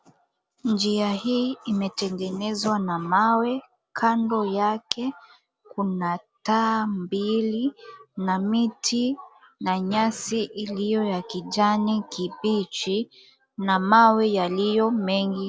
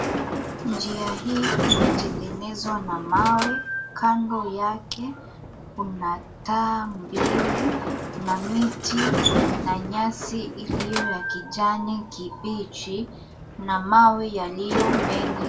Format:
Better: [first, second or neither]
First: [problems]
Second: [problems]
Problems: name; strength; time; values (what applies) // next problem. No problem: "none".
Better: first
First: none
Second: background sound (Sliding door); 2 dB below the speech // room echo; dies away in 0.2 s